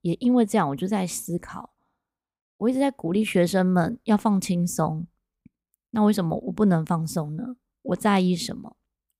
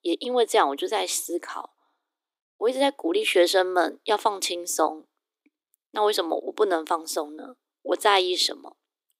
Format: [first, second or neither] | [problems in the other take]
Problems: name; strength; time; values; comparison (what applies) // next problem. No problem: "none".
first | thin; very; fading below 300 Hz